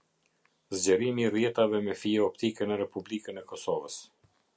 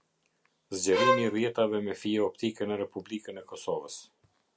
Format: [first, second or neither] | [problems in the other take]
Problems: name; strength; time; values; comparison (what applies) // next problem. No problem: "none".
first | background sound (Bowed string instrument); 4 dB above the speech